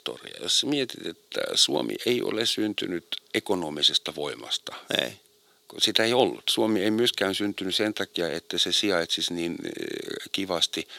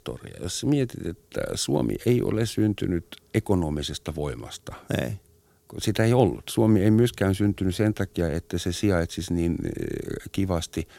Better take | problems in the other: second | thin; somewhat; fading below 350 Hz

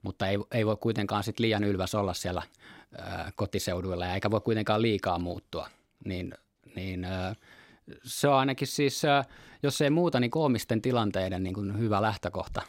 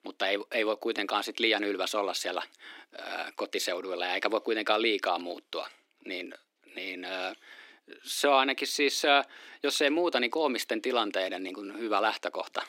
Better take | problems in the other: first | thin; somewhat; fading below 300 Hz

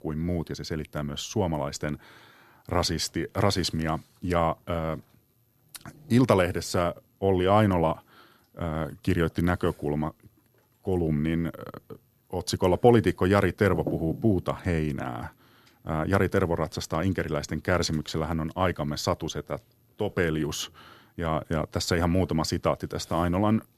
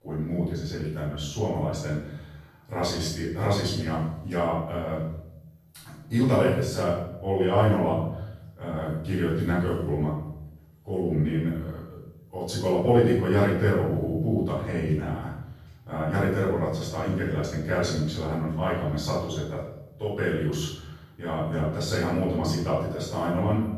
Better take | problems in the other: first | off-mic speech; far // room echo; noticeable; dies away in 0.9 s

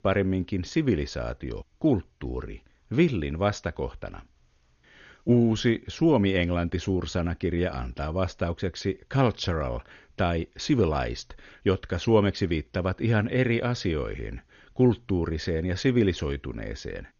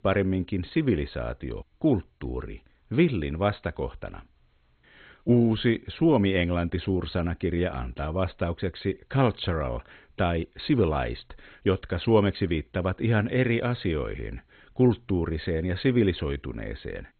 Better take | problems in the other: first | garbled, watery; badly; nothing above 4 kHz; slightly in the first

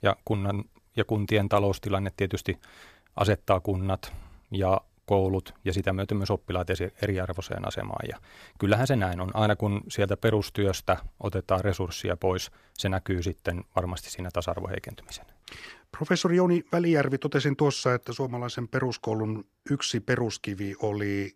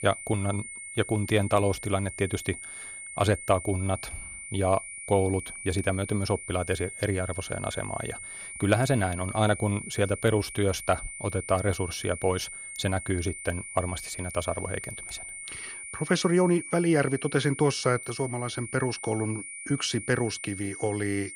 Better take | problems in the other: first | high-pitched whine; loud; throughout; 2 kHz, 9 dB below the speech

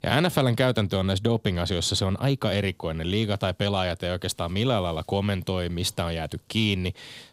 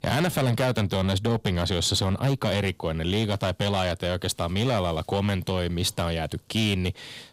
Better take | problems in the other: first | distortion; slight; 8% of the sound clipped

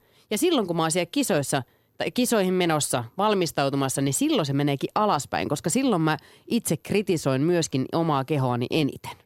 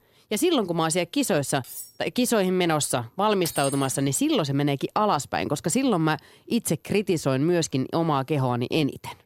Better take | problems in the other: first | clattering dishes; faint; at 1.5 s; peak 15 dB below the speech // clattering dishes; noticeable; at 3.5 s; peak 7 dB below the speech

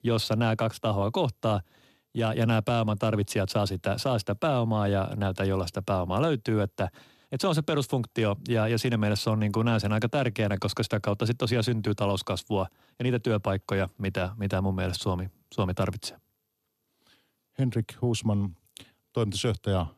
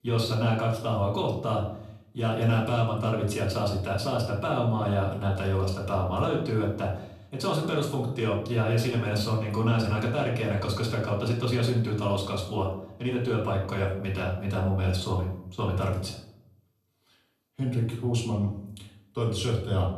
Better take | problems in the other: first | off-mic speech; far // room echo; slight; dies away in 0.6 s

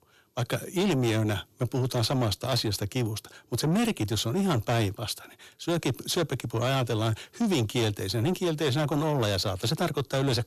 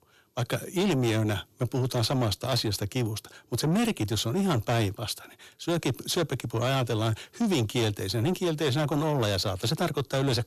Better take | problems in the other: neither | distortion; slight; 10 dB below the speech; the same in both

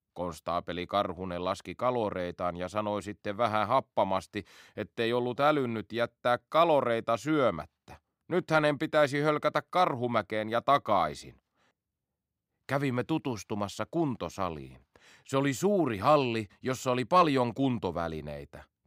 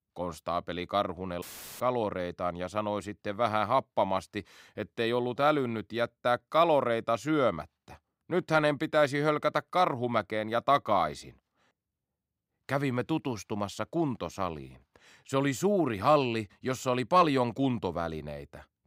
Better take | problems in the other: first | audio cutting out; filled with static; at 1.5 s

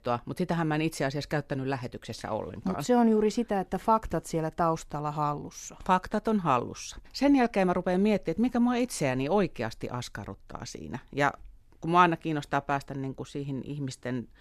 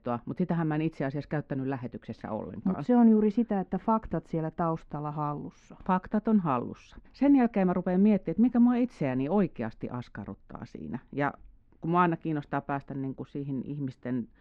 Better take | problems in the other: first | muffled; very; fading above 2 kHz

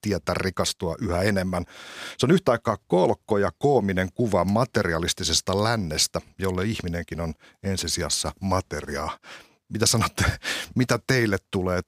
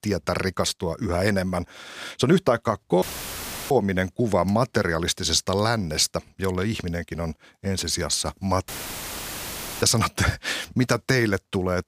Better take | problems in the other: first | audio cutting out; filled with static; at 3 s for 0.5 s and at 8.5 s for 1 s

